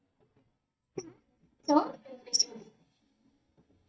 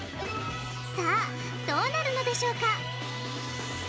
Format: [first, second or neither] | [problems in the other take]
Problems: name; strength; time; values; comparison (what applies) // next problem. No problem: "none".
second | noise reduction (neural mask model DeepFilterNet 3)